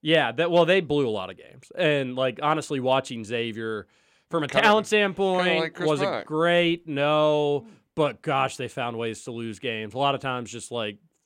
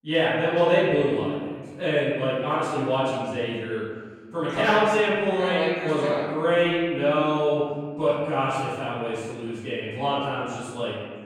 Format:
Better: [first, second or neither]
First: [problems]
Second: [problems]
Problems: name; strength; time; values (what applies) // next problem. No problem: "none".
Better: first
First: none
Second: off-mic speech; far // room echo; strong; dies away in 1.5 s